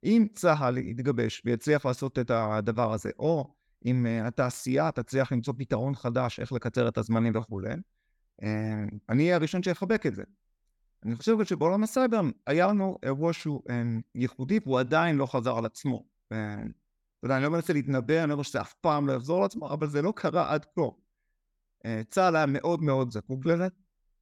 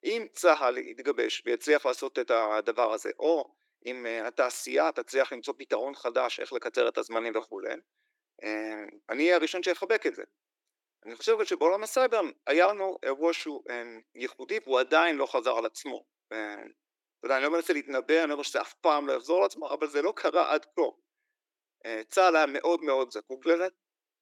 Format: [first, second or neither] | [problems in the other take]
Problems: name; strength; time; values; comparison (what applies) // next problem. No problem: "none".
first | thin; very; fading below 300 Hz